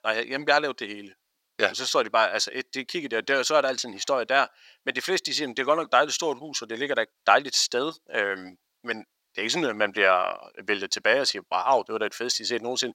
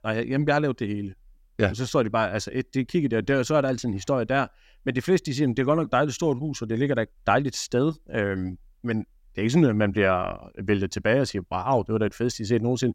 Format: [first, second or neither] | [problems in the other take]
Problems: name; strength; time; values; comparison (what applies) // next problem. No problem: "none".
second | thin; very; fading below 650 Hz